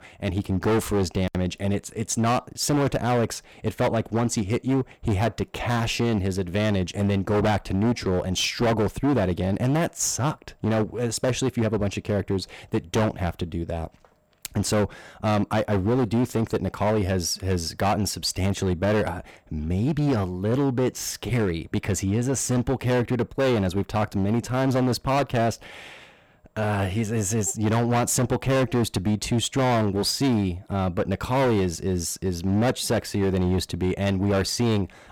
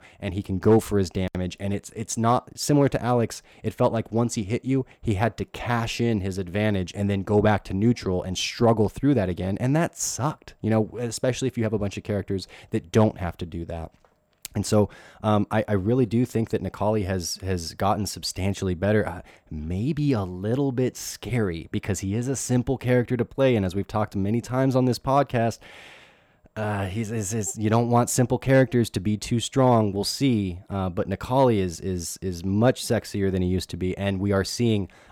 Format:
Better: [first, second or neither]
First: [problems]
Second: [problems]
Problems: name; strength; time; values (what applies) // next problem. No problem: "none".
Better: second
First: distortion; heavy; 14% of the sound clipped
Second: none